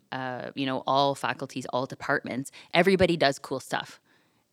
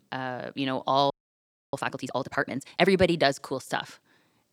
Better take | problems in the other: first | audio freezing; at 1 s for 0.5 s

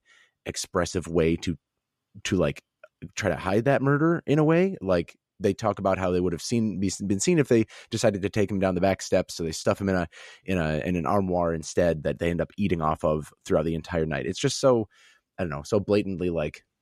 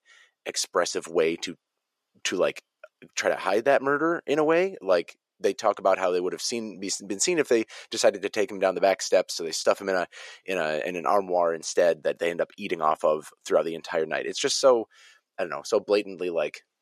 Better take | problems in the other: first | thin; somewhat; fading below 500 Hz

